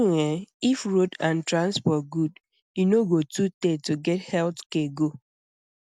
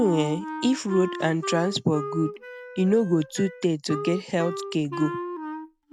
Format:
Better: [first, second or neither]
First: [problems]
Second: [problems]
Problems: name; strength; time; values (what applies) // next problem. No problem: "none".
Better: first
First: none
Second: background sound (Wind instrument, woodwind instrument); 9 dB below the speech